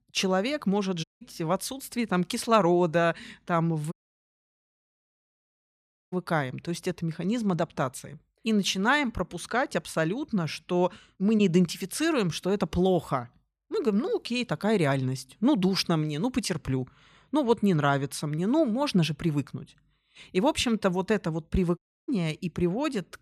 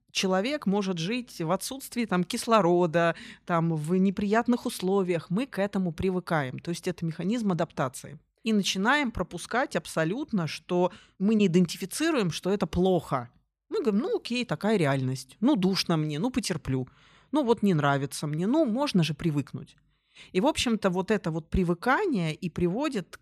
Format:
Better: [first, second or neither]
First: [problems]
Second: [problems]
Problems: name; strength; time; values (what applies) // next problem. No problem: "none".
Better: second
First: audio cutting out; at 1 s, at 4 s for 2 s and at 22 s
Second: none